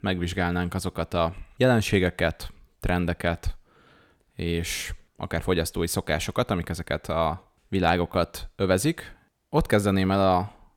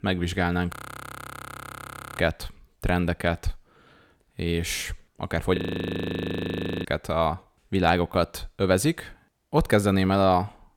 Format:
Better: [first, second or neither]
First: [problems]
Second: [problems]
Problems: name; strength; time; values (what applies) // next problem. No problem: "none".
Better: first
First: none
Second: audio freezing; at 0.5 s for 1.5 s and at 5.5 s for 1.5 s